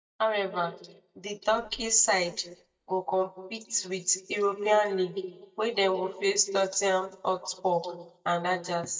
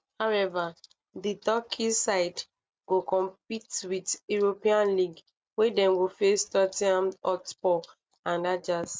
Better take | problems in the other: second | noise reduction (neural mask model DeepFilterNet 3)

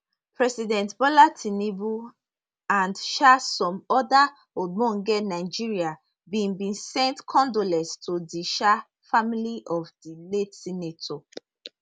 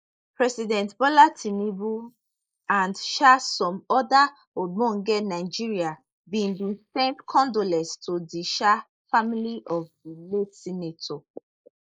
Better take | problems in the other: first | noise reduction (neural mask model Resemble Enhance denoiser)

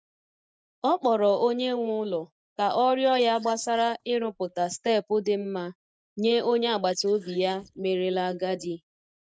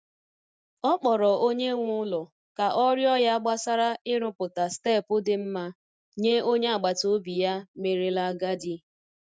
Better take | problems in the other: second | noise reduction (neural mask model Resemble Enhance denoiser)

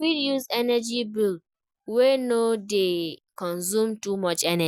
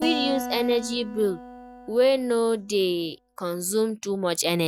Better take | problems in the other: first | background sound (Acoustic guitar); 11 dB below the speech

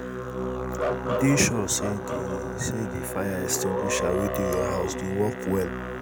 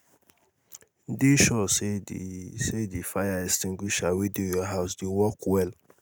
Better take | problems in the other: second | background sound (Musical instrument); 1 dB below the speech

